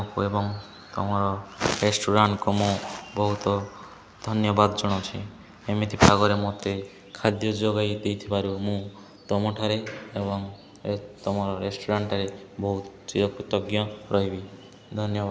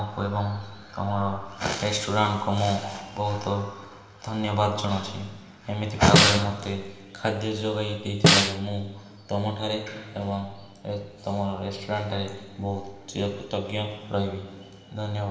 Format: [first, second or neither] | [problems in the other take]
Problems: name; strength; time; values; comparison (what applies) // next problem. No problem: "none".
first | background sound (Snare drum); 4 dB above the speech // room echo; dies away in 1.4 s